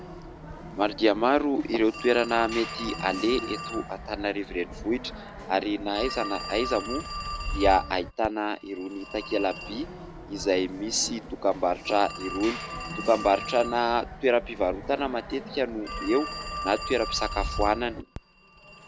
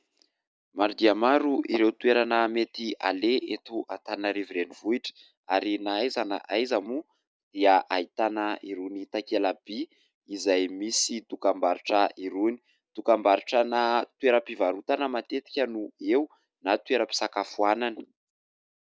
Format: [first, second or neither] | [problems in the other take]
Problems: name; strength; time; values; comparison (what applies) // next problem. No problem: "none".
second | background sound (Telephone); 9 dB below the speech